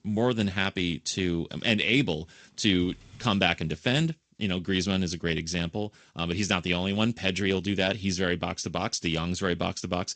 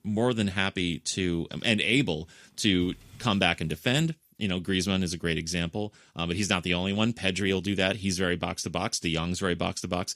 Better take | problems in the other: second | garbled, watery; slightly; nothing above 7.5 kHz

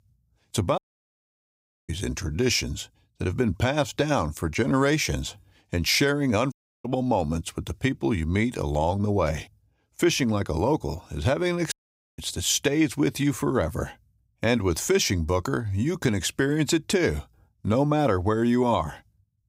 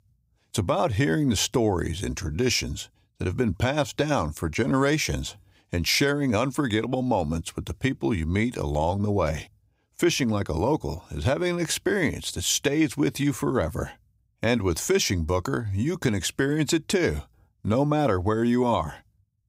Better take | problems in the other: second | audio cutting out; at 1 s for 1 s, at 6.5 s and at 12 s

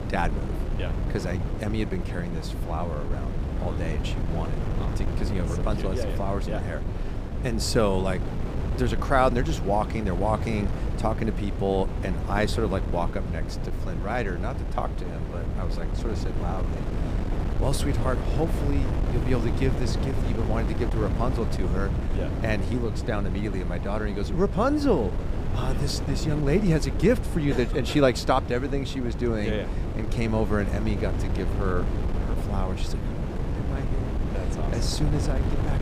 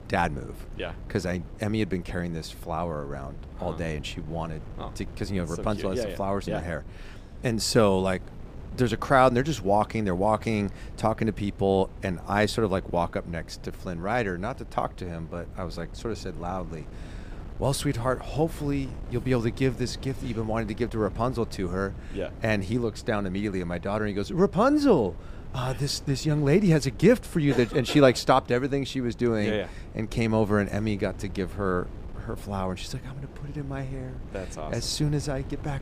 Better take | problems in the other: second | wind noise on the microphone; heavy; 8 dB below the speech; occasional gusts in the second

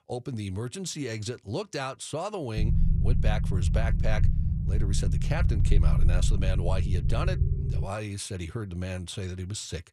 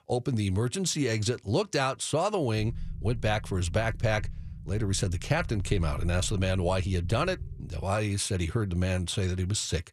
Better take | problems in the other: second | low rumble; loud; from 2.5 to 8 s; 6 dB below the speech; faint in the second

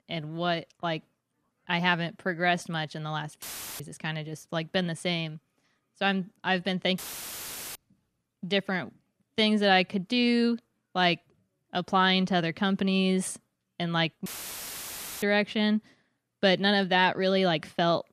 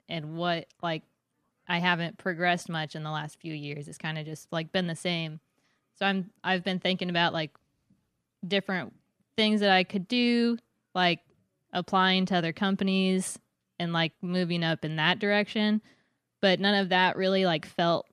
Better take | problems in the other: second | audio cutting out; filled with static; at 3.5 s, at 7 s for 1 s and at 14 s for 1 s

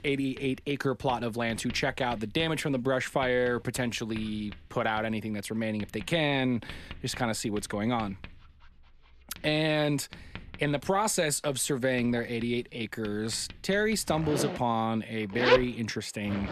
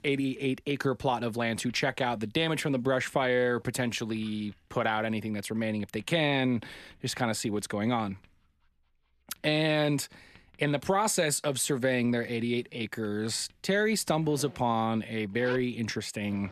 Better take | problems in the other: second | household noises; loud; throughout; 6 dB below the speech; faint in the second

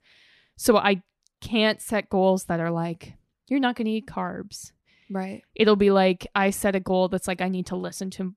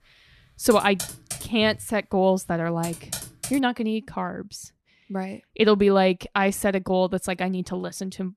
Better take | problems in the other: first | keyboard typing; noticeable; from 0.5 to 3.5 s; peak 8 dB below the speech

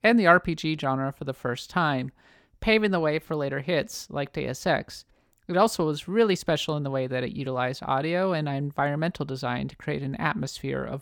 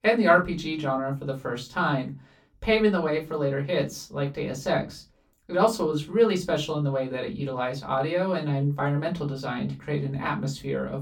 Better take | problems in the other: first | off-mic speech; far // room echo; very slight; dies away in 0.2 s

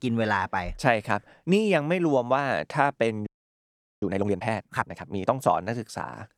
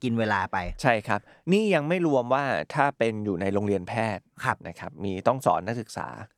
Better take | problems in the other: second | audio freezing; at 3.5 s for 0.5 s

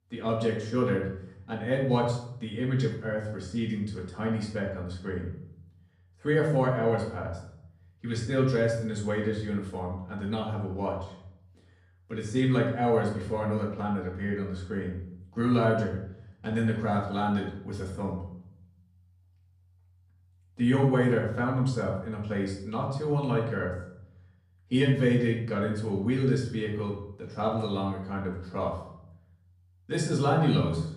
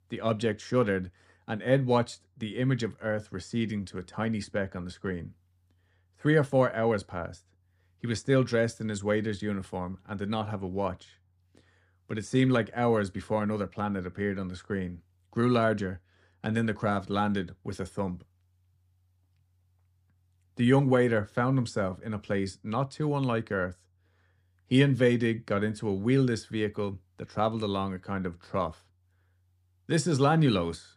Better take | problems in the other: second | off-mic speech; far // room echo; noticeable; dies away in 0.6 s

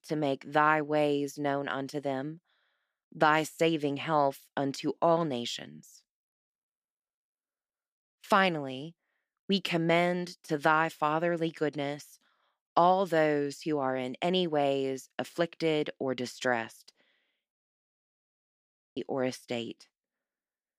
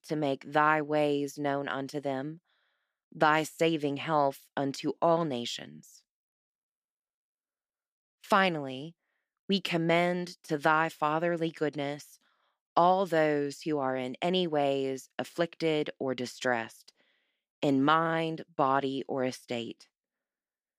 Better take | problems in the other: second | audio cutting out; at 18 s for 1.5 s

